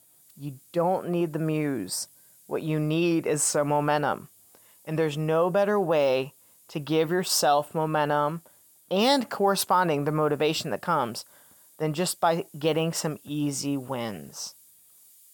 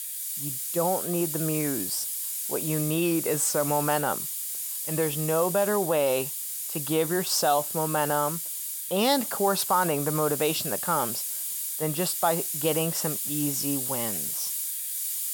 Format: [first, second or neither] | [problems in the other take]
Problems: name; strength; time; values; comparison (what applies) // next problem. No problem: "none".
first | hiss; loud; throughout; 2 dB below the speech; faint in the first